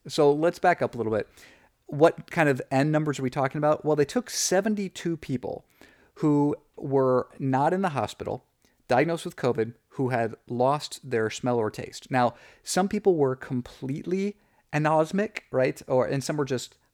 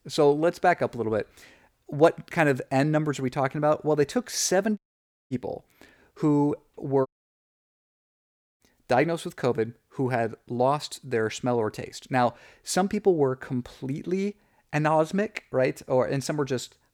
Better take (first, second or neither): first